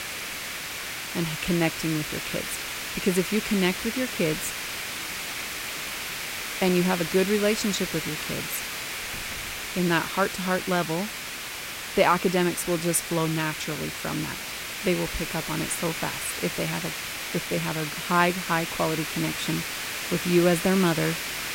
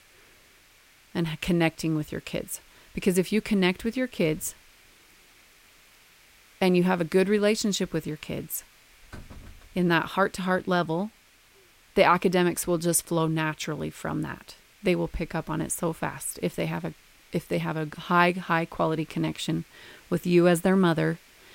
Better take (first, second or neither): second